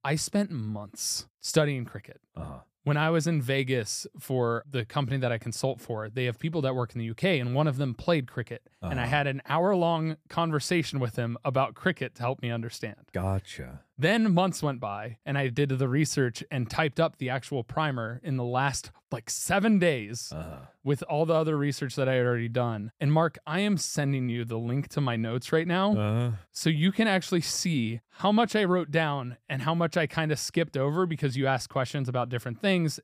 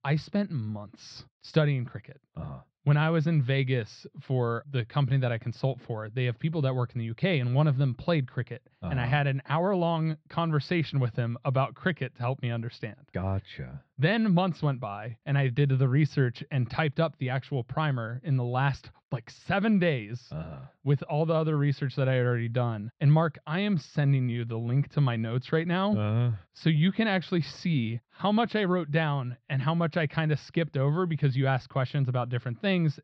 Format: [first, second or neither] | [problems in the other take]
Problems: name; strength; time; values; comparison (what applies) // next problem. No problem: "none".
first | muffled; slightly; fading above 4.5 kHz